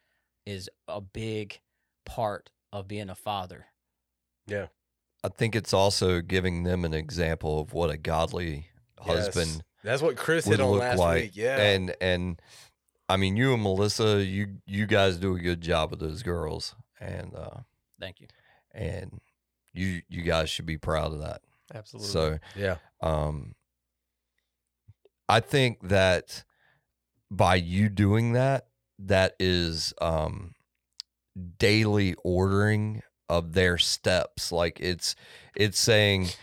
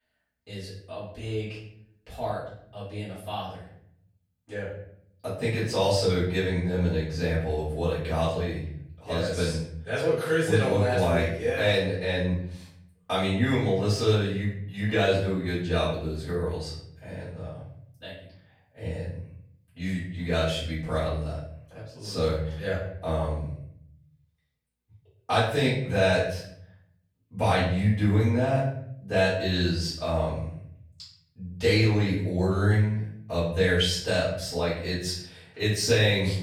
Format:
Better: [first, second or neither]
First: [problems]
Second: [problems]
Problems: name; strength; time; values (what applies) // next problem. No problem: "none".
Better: first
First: none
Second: off-mic speech; far // room echo; noticeable; dies away in 0.7 s